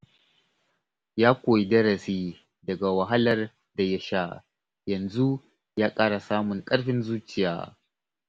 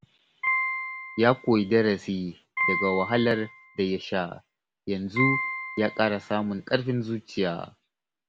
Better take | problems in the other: first | background sound (Piano); 5 dB below the speech

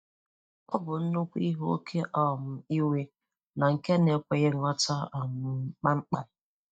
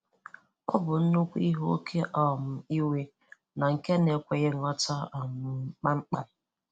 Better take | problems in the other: second | noise reduction (neural mask model DeepFilterNet 3)

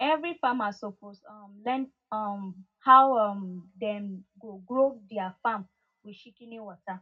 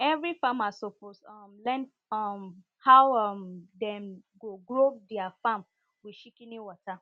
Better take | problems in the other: second | room echo; dies away in 0.4 s

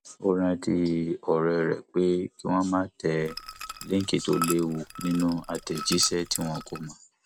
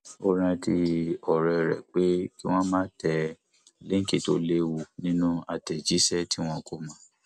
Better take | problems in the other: second | background sound (Liquid); 11 dB below the speech

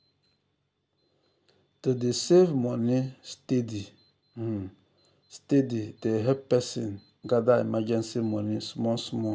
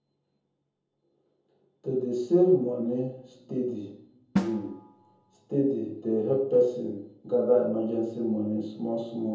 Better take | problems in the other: first | background sound (Drum); 10 dB below the speech // room echo; dies away in 0.7 s

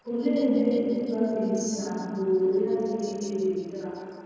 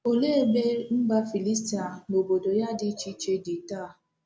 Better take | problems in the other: second | noise reduction (neural separator model SepFormer DNS4)

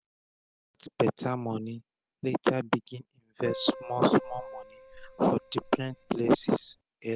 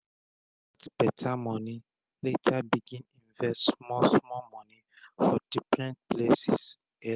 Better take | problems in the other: second | background sound (Keyboard (musical)); 14 dB below the speech

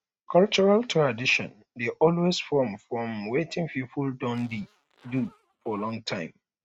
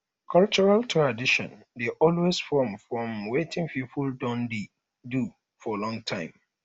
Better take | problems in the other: second | noise reduction (neural mask model RNNoise)

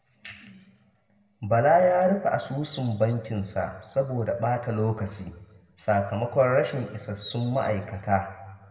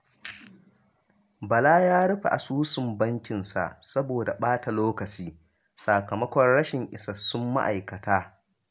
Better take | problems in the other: second | room echo; dies away in 1.1 s

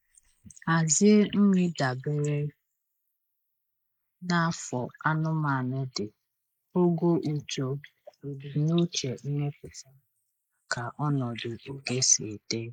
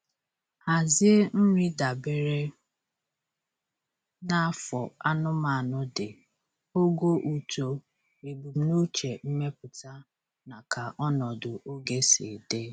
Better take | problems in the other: second | noise reduction (neural mask model Resemble Enhance denoiser)

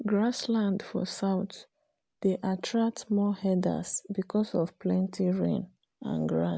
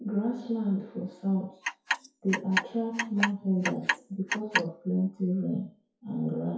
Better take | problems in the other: first | noise reduction (classical method WPE with log-MMSE)

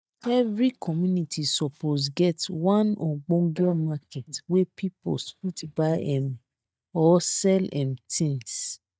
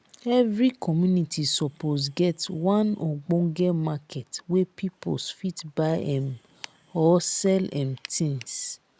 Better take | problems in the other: second | noise reduction (neural mask model DeepFilterNet 3)

